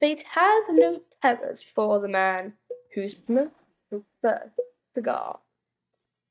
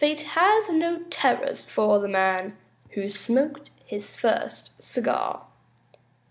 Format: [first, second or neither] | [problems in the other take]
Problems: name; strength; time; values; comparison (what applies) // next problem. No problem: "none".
second | noise reduction (neural mask model DeepFilterNet 3)